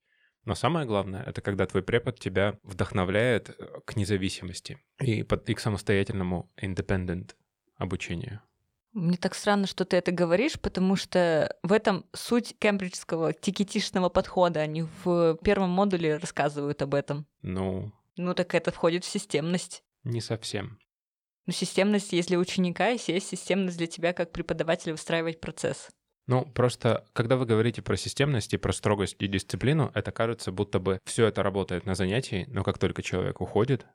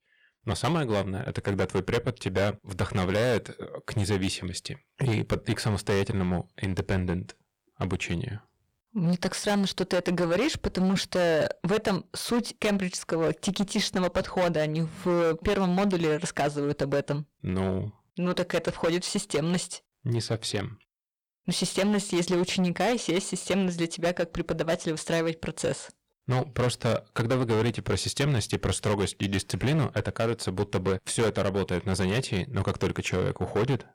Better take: first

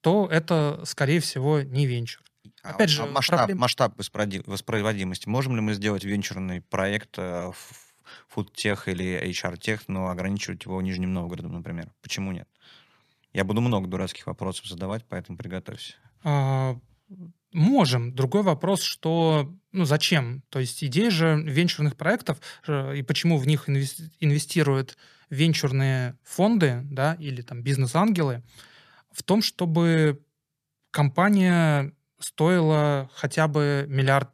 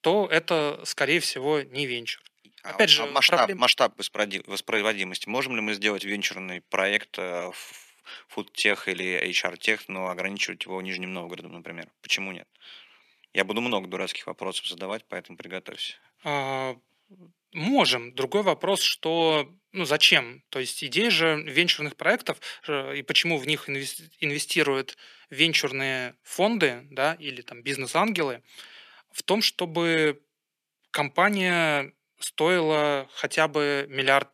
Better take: first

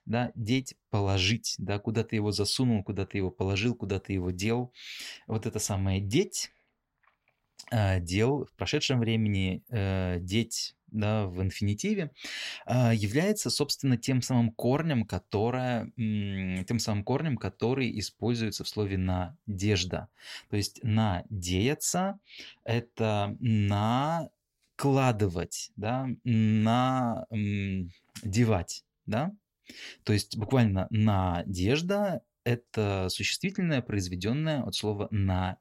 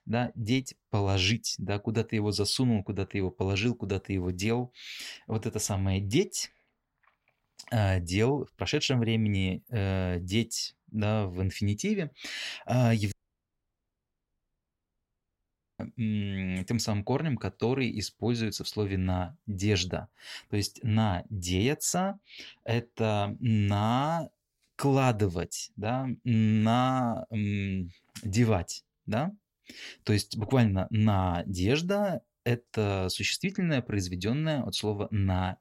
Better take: first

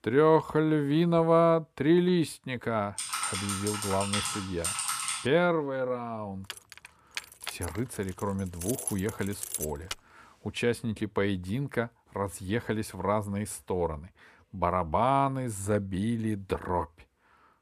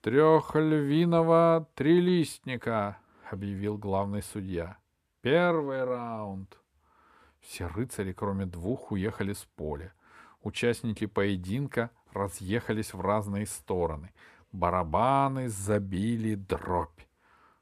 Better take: second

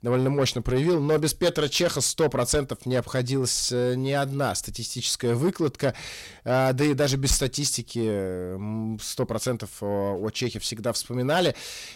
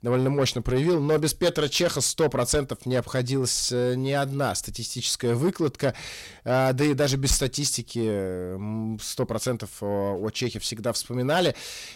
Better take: neither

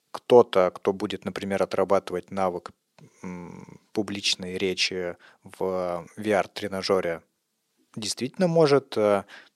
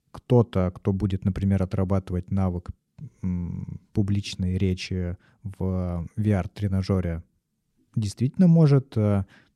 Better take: second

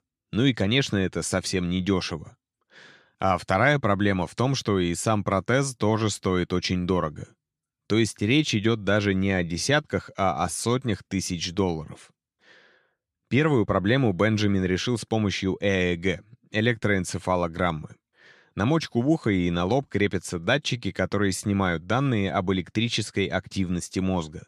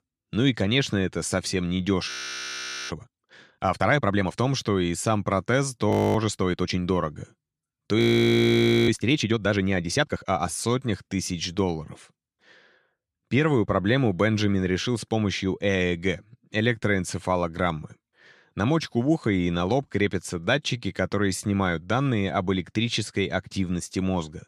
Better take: first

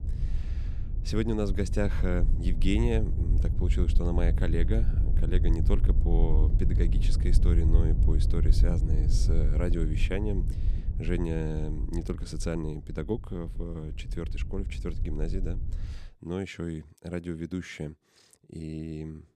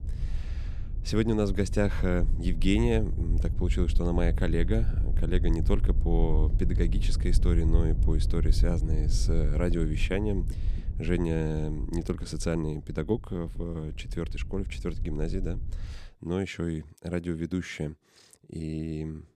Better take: second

